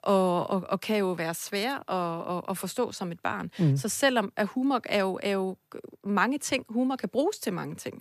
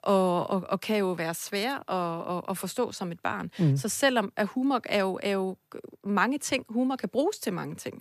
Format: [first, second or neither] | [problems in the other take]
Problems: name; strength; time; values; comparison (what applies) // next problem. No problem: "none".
neither | none